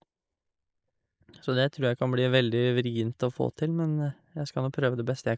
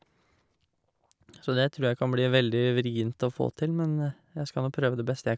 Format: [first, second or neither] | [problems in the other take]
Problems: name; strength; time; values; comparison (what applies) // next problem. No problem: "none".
second | noise reduction (neural mask model Resemble Enhance denoiser)